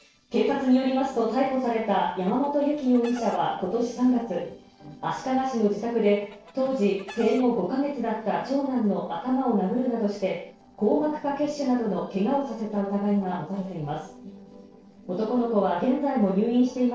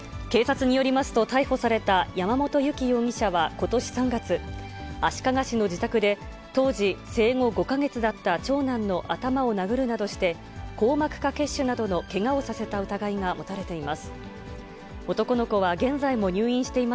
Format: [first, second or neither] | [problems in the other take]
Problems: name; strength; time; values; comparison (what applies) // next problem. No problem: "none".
second | noise reduction (neural separator model SepFormer DNS4)